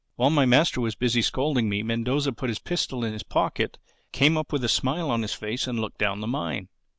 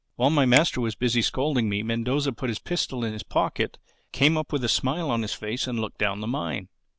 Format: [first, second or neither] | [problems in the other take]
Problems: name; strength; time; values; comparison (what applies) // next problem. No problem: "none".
first | background sound (Finger snapping); 13 dB below the speech